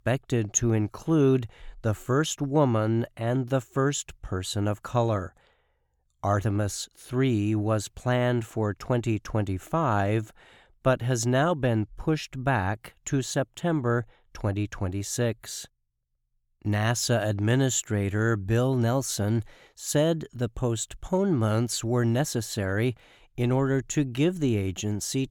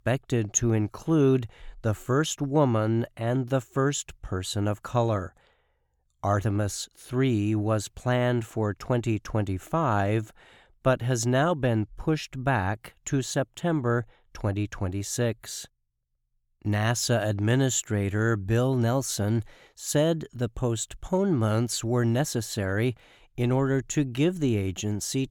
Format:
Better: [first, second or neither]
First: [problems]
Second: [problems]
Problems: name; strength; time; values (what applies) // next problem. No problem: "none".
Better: neither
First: none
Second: none